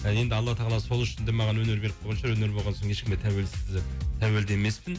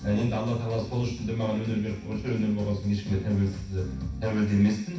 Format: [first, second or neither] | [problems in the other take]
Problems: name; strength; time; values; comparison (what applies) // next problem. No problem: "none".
first | room echo; dies away in 0.6 s